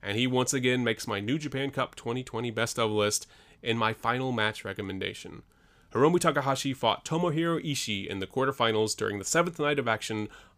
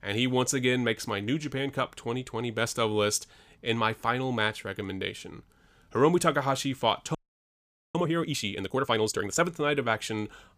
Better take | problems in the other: first | audio freezing; at 7 s for 1 s

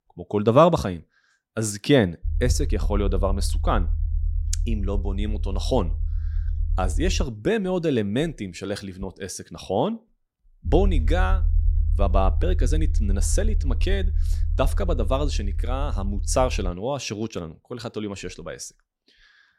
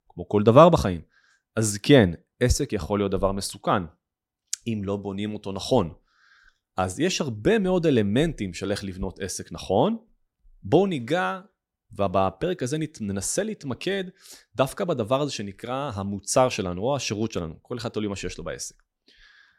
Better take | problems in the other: second | low rumble; faint; from 2.5 to 7.5 s and from 11 to 17 s; 20 dB below the speech

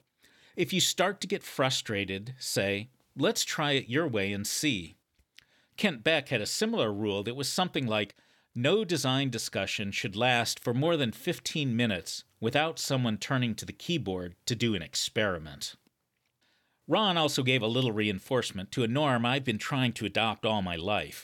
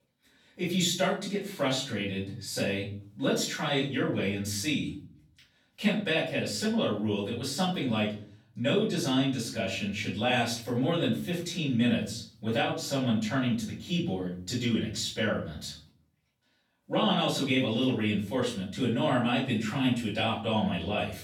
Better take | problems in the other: first | off-mic speech; far // room echo; slight; dies away in 0.5 s

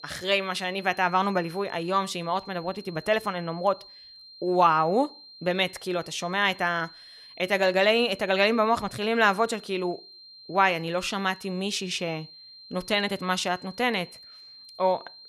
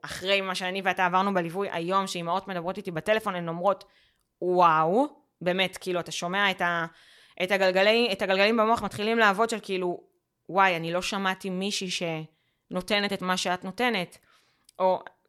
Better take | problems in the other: second | high-pitched whine; noticeable; throughout; 4 kHz, 20 dB below the speech

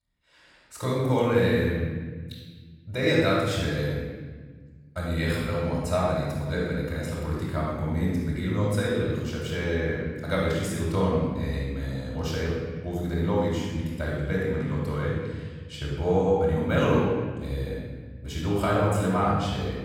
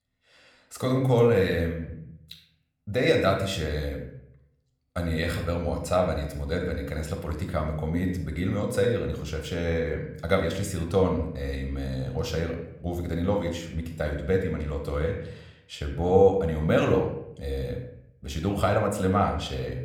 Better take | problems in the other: second | room echo; strong; dies away in 1.5 s; slight in the second // off-mic speech; far

